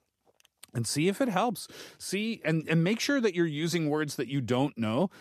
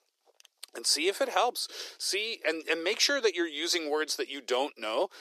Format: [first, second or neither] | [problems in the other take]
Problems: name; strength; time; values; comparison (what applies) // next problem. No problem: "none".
first | thin; very; fading below 350 Hz